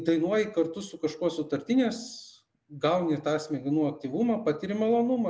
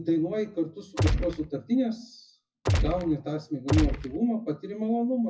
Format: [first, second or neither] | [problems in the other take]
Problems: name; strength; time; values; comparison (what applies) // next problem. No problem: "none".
first | noise reduction (classical method WPE with log-MMSE)